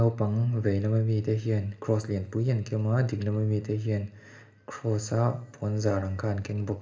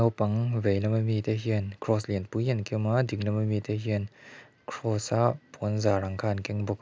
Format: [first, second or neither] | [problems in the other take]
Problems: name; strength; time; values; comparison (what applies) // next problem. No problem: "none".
second | room echo; dies away in 1.2 s